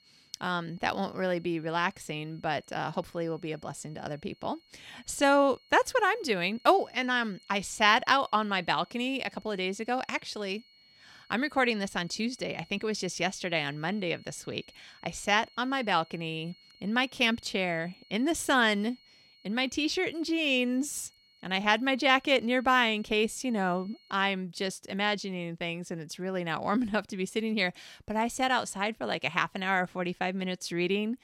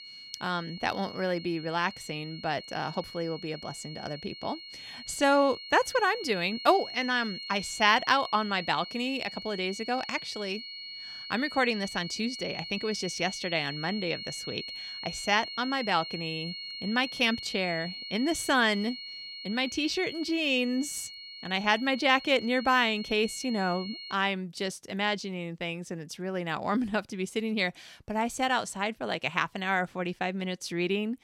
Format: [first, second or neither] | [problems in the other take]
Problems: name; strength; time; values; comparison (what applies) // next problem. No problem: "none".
first | high-pitched whine; loud; until 24 s; 4.5 kHz, 10 dB below the speech; faint in the first